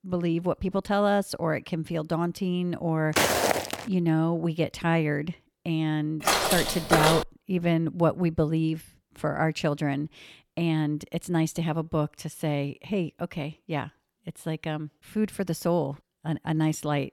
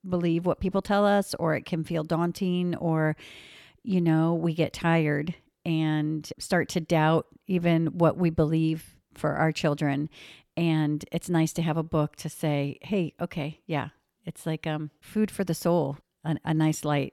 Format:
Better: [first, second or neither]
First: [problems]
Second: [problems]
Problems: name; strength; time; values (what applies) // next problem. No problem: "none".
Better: second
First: footsteps; loud; at 3 s and at 6.5 s; peak 6 dB above the speech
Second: none